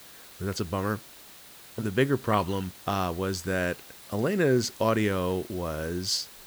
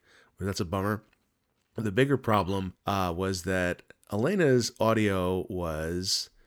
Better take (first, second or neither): second